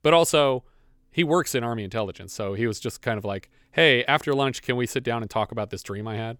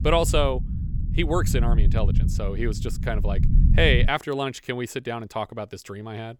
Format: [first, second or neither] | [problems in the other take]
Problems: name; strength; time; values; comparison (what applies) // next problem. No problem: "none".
first | low rumble; noticeable; until 4 s; 10 dB below the speech